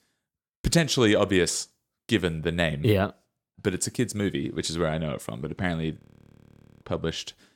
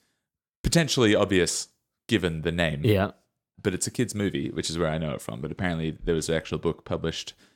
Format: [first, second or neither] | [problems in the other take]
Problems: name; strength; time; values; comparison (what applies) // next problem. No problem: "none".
second | audio freezing; at 6 s for 1 s